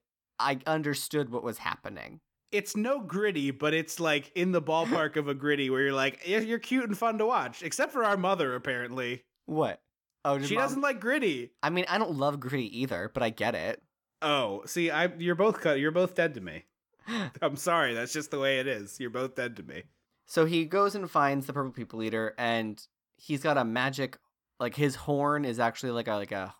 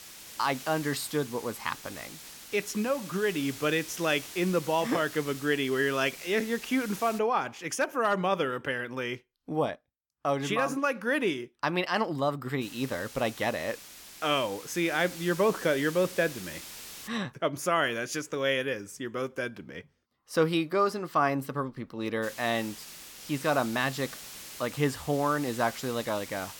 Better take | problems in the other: first | hiss; noticeable; until 7 s, from 13 to 17 s and from 22 s on; 15 dB below the speech

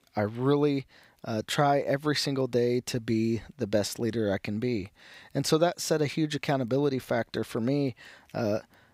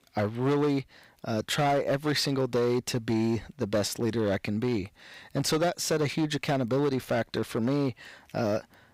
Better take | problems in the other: first | distortion; slight; 10% of the sound clipped

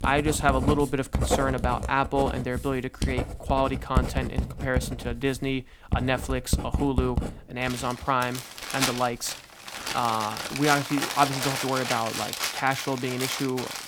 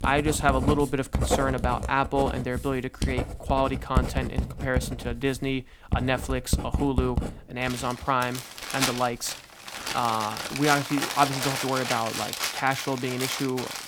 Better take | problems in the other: neither | household noises; loud; throughout; 3 dB below the speech; the same in both

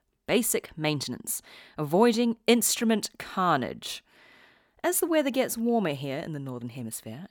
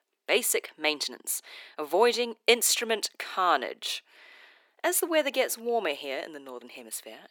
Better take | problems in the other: first | thin; very; fading below 350 Hz

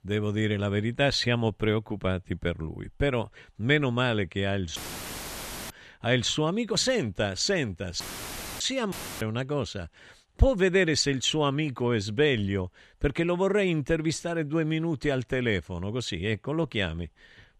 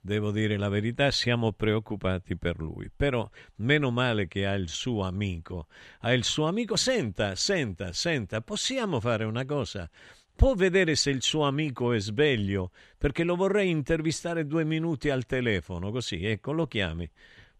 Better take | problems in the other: second | audio cutting out; filled with static; at 5 s for 1 s, at 8 s for 0.5 s and at 9 s

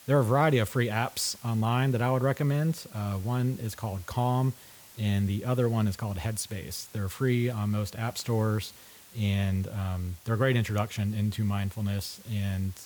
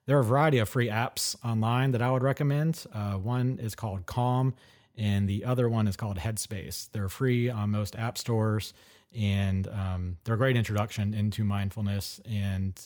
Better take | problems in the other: second | hiss; faint; throughout; 20 dB below the speech

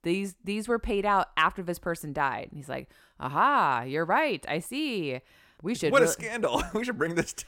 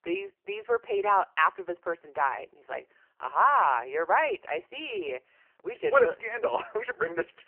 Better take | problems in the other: first | phone-call audio; poor line; nothing above 3 kHz

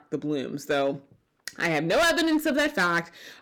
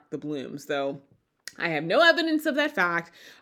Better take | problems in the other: second | distortion; heavy; 9% of the sound clipped

